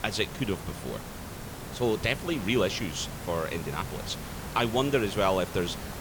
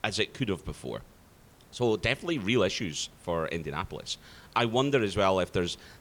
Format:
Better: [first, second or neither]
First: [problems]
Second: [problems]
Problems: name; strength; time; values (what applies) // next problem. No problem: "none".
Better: second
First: hiss; loud; throughout; 9 dB below the speech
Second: hiss; faint; throughout; 25 dB below the speech